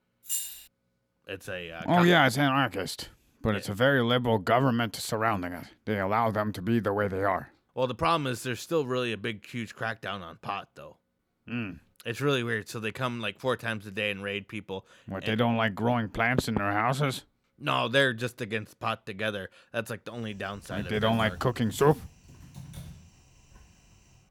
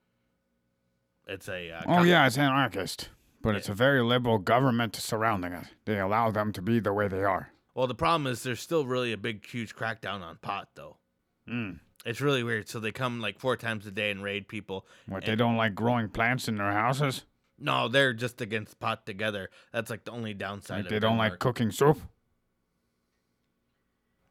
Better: second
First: jangling keys; noticeable; at 0.5 s; peak 3 dB below the speech // door banging; noticeable; at 16 s; peak 5 dB below the speech // keyboard typing; faint; from 21 s on; peak 15 dB below the speech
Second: none

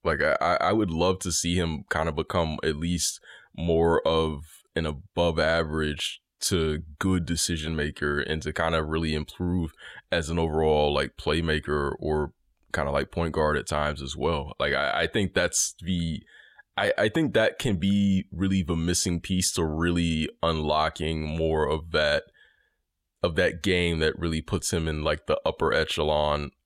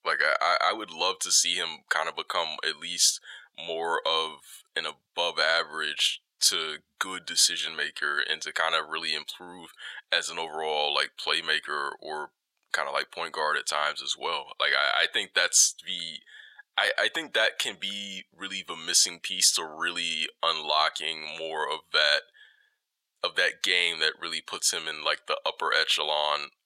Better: first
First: none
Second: thin; very; fading below 900 Hz

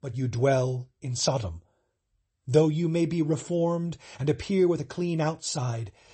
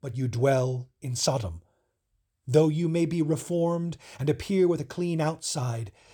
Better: second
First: garbled, watery; slightly; nothing above 8 kHz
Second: none

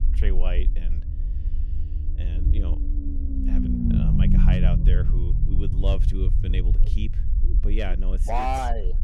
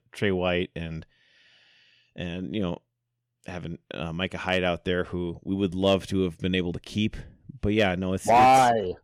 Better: second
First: low rumble; loud; throughout; 6 dB below the speech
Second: none

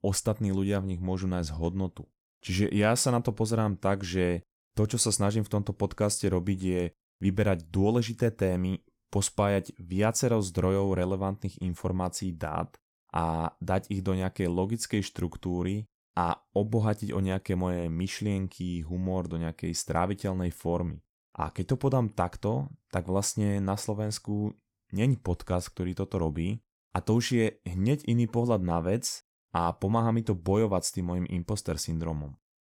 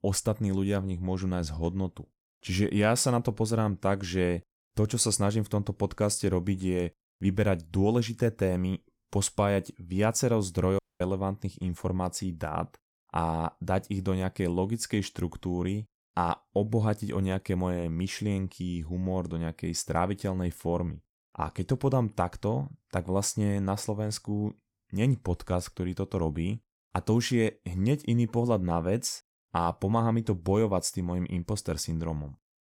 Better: first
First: none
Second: audio cutting out; at 11 s

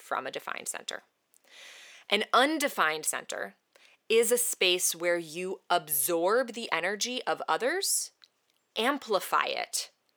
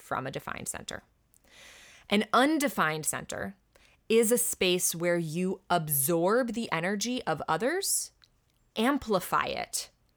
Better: second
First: thin; somewhat; fading below 400 Hz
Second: none

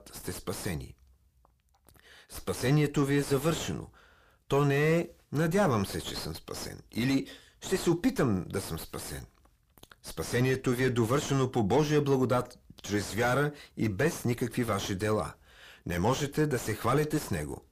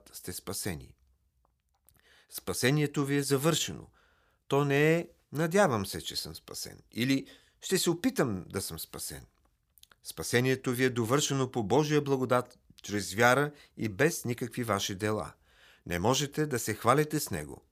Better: second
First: distortion; heavy; 5 dB below the speech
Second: none

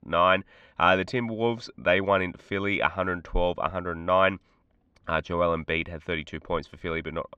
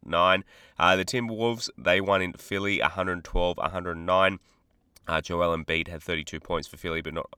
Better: second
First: muffled; slightly; fading above 3 kHz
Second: none

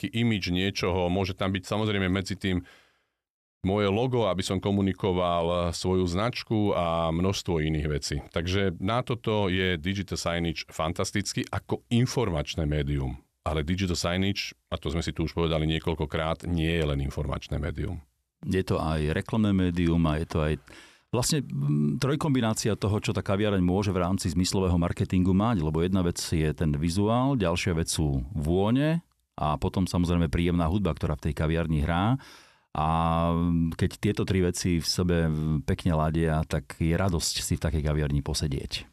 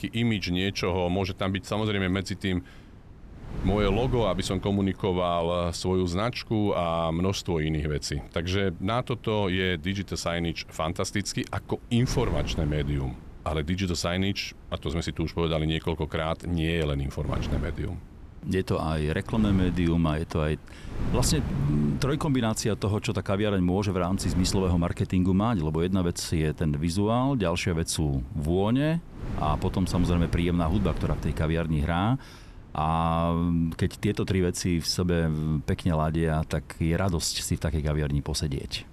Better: first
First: none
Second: wind noise on the microphone; occasional gusts; 20 dB below the speech

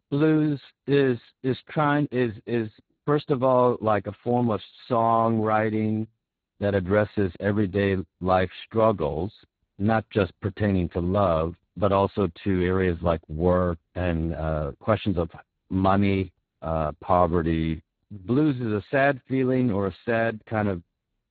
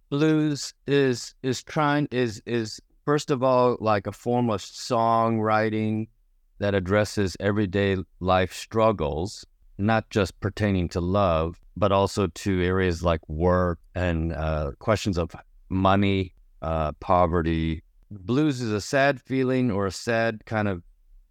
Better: second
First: garbled, watery; badly; nothing above 4 kHz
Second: none

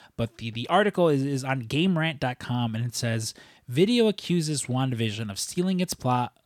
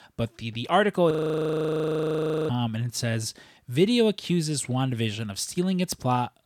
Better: first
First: none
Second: audio freezing; at 1 s for 1.5 s

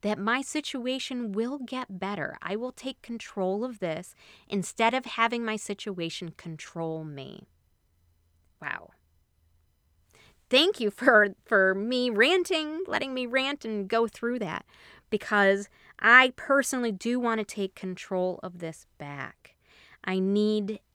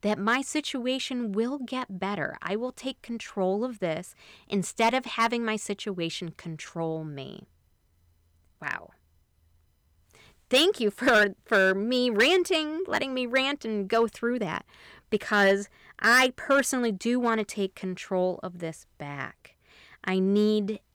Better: first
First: none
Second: distortion; slight; 1.5% of the sound clipped

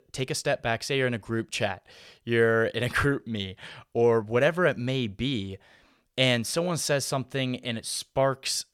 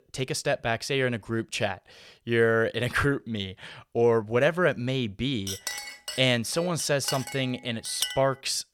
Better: first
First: none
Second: clattering dishes; noticeable; from 5.5 to 8 s; peak 4 dB below the speech

